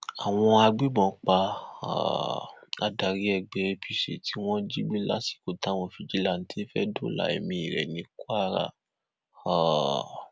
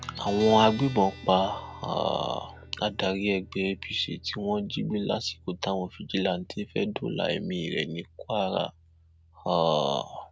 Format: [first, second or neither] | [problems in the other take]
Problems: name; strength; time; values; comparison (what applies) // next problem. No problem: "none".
first | background sound (Guitar); 19 dB below the speech